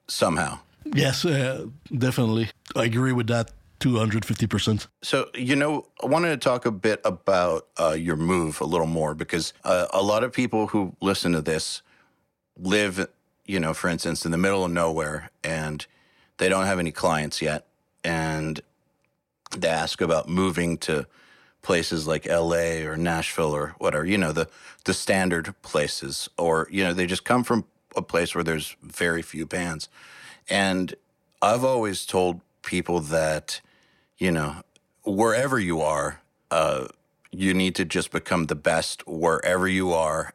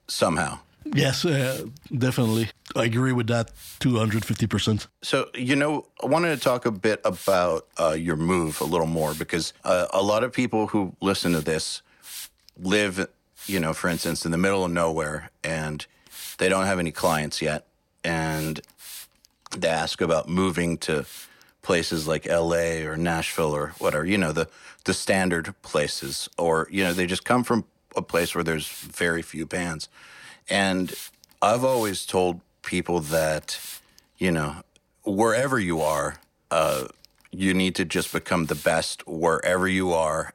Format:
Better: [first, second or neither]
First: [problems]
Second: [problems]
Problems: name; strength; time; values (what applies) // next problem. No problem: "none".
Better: first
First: none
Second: hiss; noticeable; throughout; 15 dB below the speech